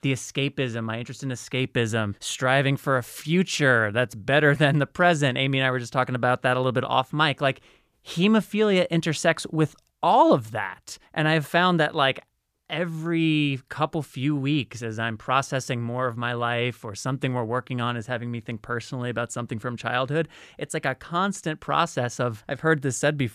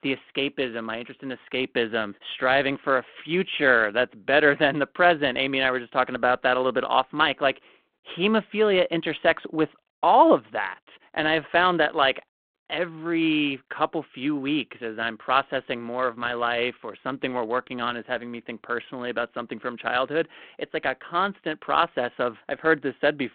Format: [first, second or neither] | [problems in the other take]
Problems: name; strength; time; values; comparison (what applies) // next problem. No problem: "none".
first | phone-call audio